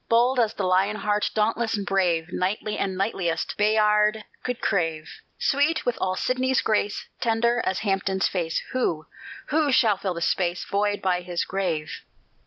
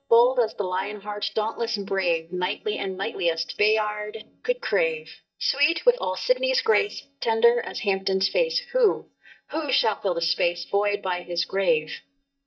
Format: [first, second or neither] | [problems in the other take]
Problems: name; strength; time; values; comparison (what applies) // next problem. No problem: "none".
first | noise reduction (neural mask model DeepFilterNet 3)